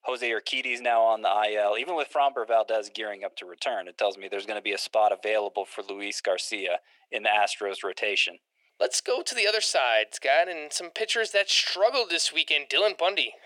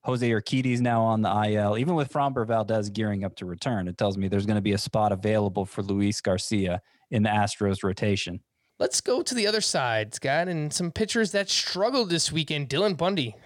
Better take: second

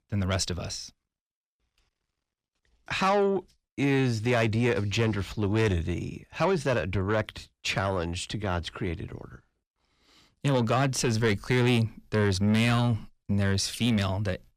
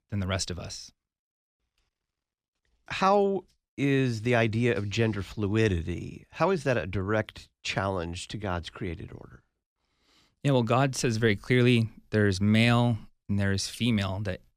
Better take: second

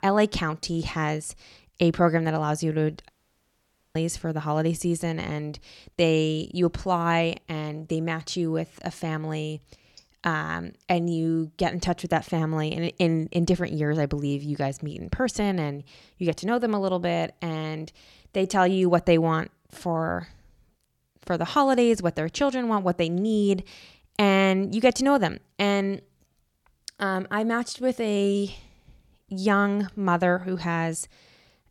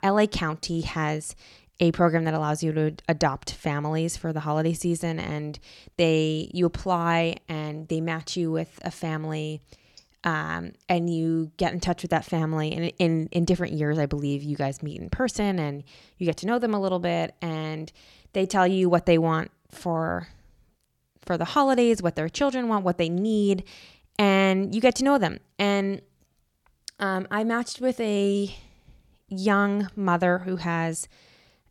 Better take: second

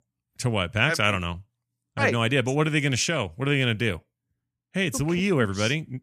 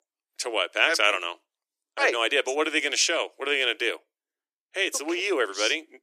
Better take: first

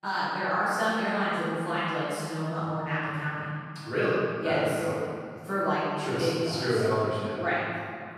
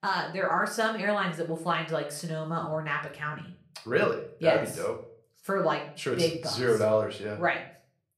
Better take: second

